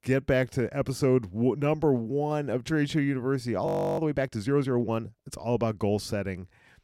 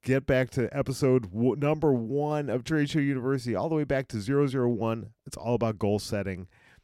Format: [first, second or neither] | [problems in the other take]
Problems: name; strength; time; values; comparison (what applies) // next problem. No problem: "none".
second | audio freezing; at 3.5 s